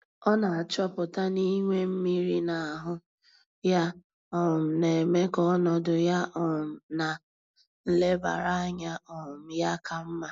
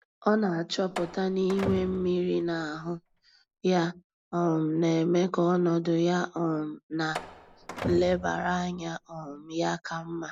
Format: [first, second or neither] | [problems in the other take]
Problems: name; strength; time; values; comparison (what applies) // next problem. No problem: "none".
first | background sound (Slam); 13 dB below the speech